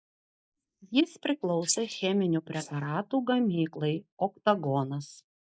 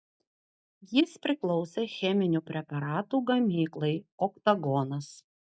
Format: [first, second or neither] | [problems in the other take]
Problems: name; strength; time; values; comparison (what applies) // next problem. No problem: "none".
second | noise reduction (neural mask model Resemble Enhance denoiser)